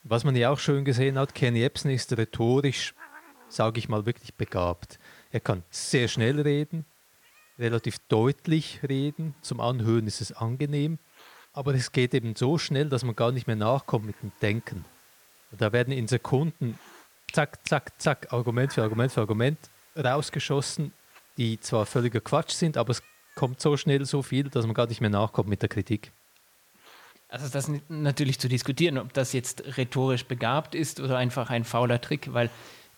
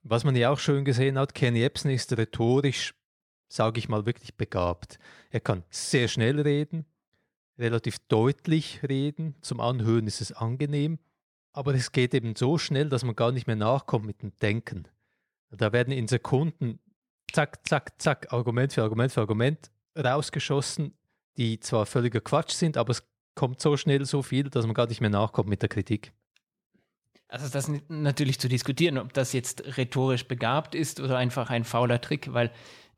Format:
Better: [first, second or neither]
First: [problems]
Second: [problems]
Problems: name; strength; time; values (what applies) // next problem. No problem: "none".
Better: second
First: hiss; faint; throughout; 25 dB below the speech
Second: none